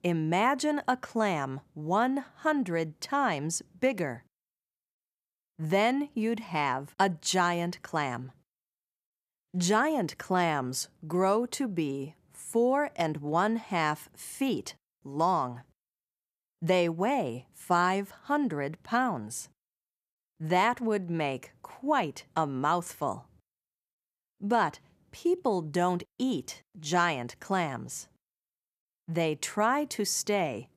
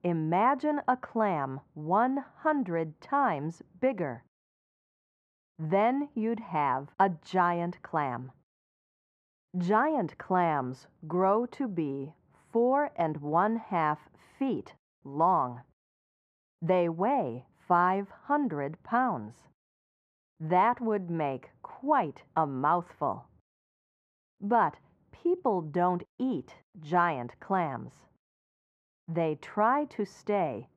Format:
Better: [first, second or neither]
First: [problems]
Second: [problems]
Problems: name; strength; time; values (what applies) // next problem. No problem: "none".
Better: first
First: none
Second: muffled; very; fading above 4 kHz